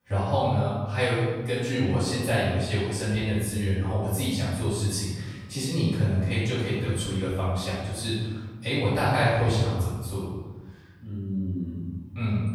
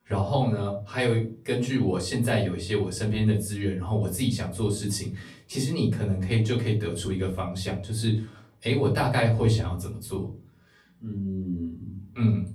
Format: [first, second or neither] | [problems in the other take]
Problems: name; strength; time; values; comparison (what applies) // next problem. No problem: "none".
second | room echo; strong; dies away in 1.3 s; slight in the second // off-mic speech; far; far in the second